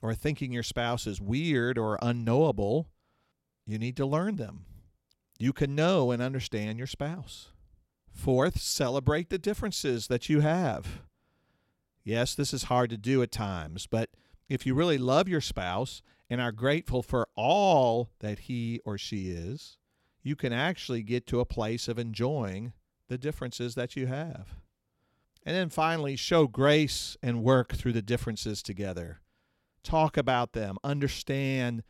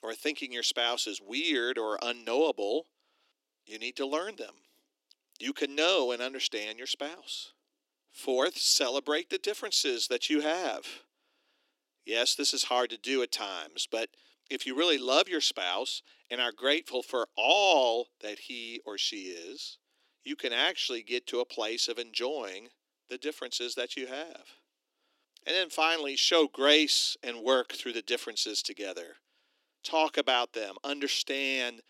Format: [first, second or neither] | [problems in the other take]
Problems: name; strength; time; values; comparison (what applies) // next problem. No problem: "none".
first | thin; somewhat; fading below 300 Hz